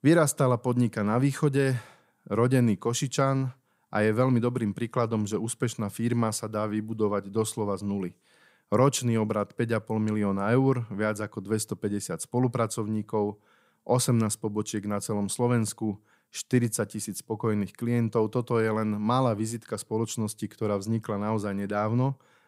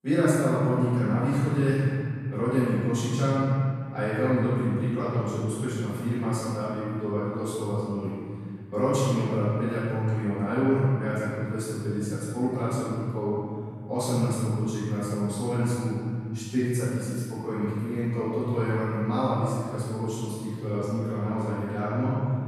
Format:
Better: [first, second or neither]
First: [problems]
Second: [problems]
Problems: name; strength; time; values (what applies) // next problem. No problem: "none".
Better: first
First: none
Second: off-mic speech; far // room echo; strong; dies away in 2.9 s